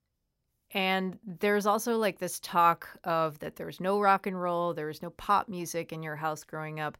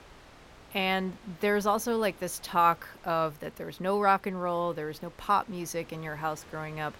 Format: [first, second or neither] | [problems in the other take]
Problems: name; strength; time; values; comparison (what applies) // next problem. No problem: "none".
first | wind noise on the microphone; occasional gusts; 25 dB below the speech